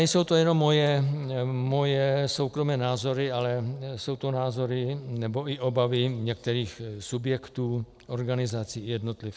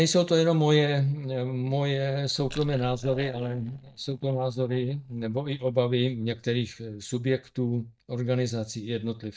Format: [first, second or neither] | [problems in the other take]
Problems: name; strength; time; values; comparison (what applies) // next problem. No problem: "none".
first | noise reduction (neural mask model DeepFilterNet 3)